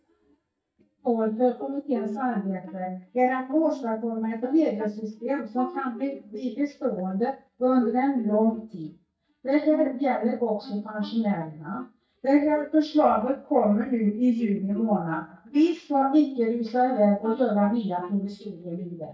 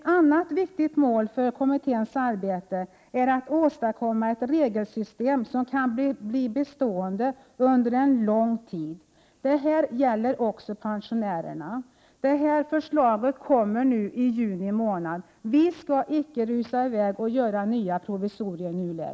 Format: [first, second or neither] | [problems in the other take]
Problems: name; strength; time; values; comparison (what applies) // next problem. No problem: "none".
second | noise reduction (neural mask model DeepFilterNet 3)